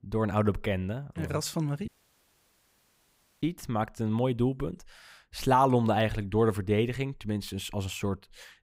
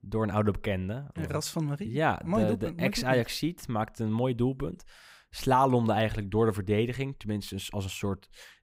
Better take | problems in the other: second | audio cutting out; at 2 s for 1.5 s

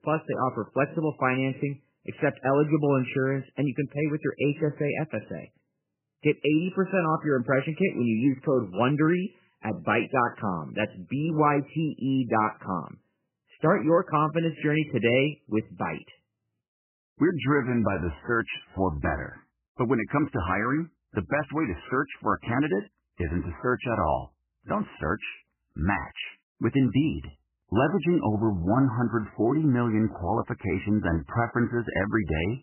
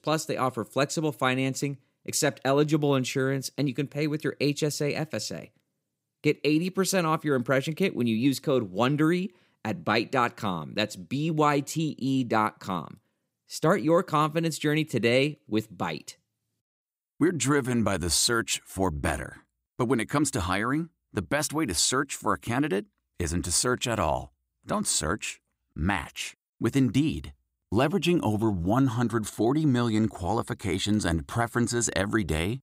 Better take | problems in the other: second | garbled, watery; badly; nothing above 3 kHz

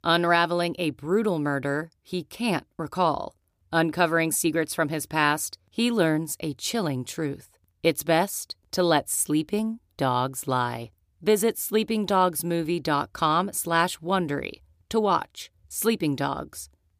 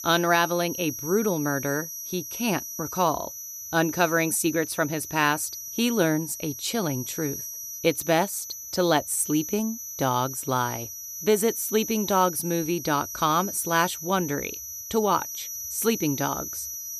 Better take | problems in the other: first | high-pitched whine; loud; throughout; 6 kHz, 8 dB below the speech

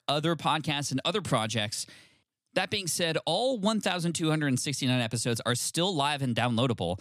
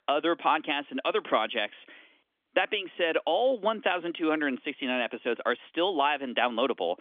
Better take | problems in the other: first | phone-call audio; nothing above 3.5 kHz

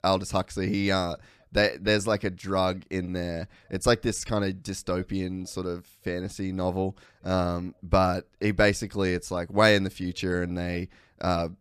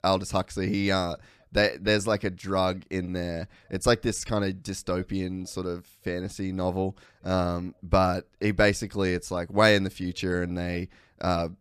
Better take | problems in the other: neither | none

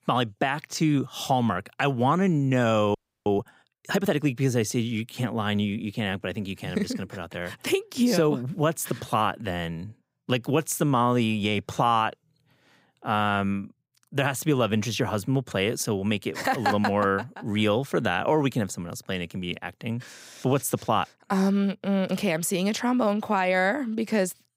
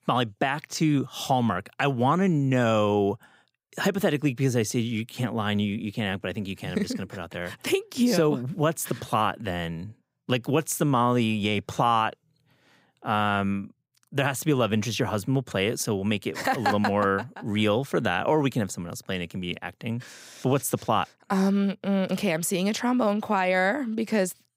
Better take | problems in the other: second | audio freezing; at 3 s

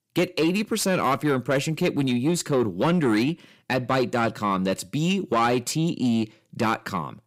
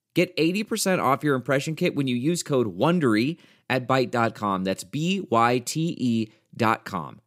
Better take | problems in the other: second | distortion; slight; 10 dB below the speech

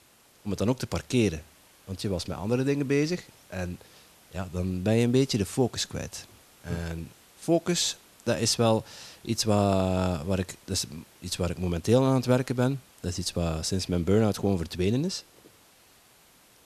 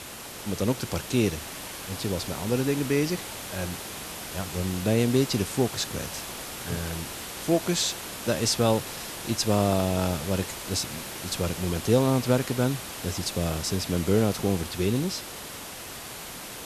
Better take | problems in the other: first | hiss; loud; throughout; 8 dB below the speech; faint in the first

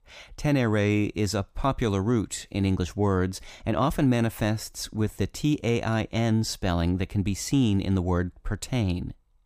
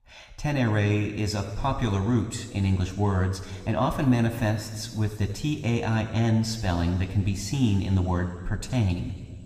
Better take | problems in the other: first | room echo; slight; dies away in 2.1 s

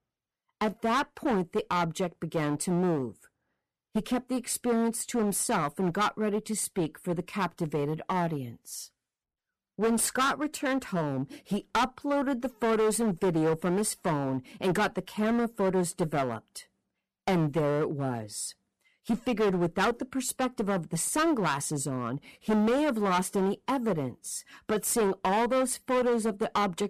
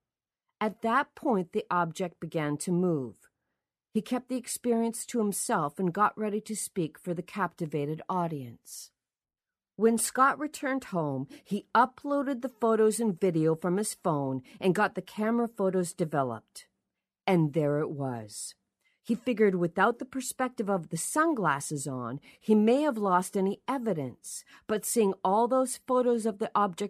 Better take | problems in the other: second | distortion; heavy; 12% of the sound clipped

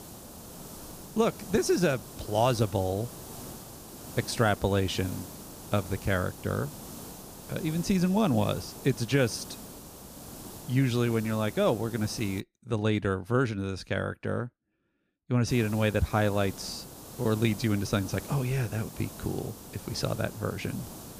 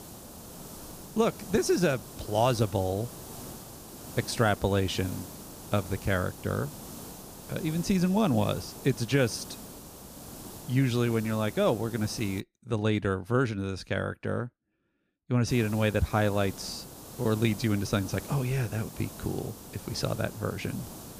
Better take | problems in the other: neither | hiss; noticeable; until 12 s and from 15 s on; 15 dB below the speech; the same in both

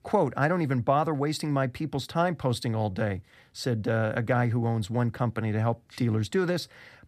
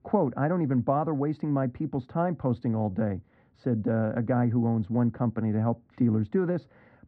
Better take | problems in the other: first | muffled; very; fading above 1 kHz

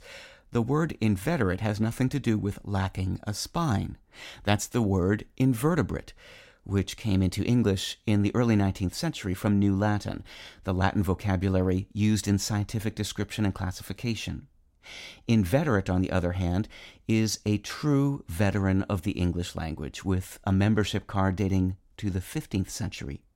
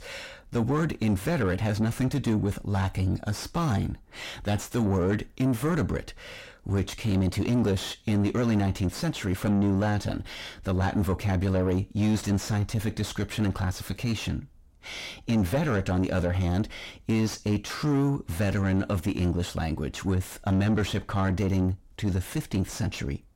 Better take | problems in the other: first | distortion; heavy; 7 dB below the speech

